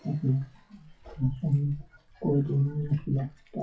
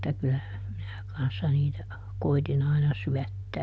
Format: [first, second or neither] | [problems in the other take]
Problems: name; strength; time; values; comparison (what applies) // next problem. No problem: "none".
second | noise reduction (classical method WPE with log-MMSE)